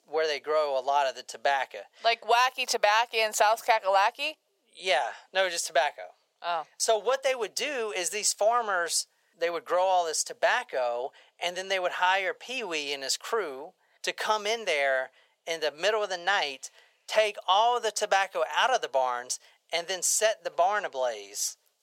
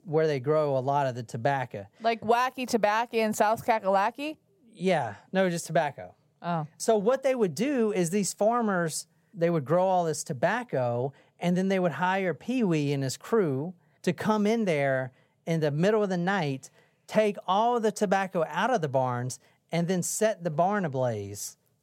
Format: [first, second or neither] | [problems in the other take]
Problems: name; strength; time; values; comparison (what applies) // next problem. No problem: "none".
second | thin; very; fading below 550 Hz